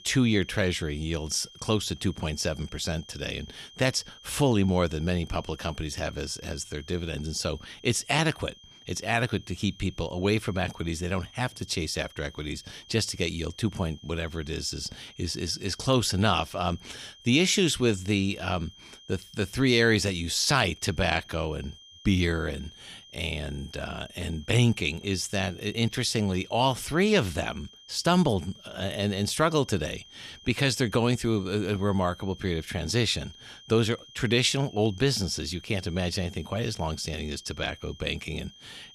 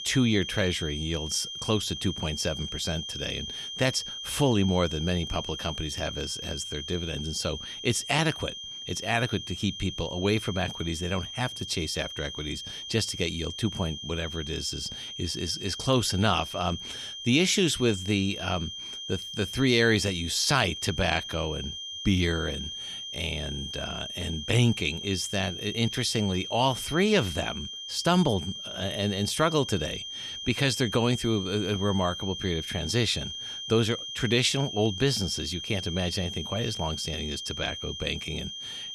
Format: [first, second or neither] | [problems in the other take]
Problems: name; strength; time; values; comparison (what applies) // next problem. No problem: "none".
first | high-pitched whine; loud; throughout; 3 kHz, 7 dB below the speech; faint in the first